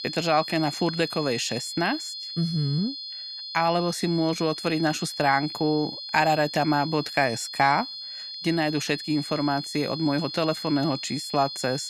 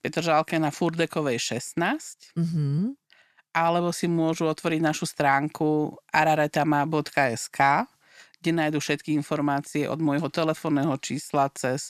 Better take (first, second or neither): second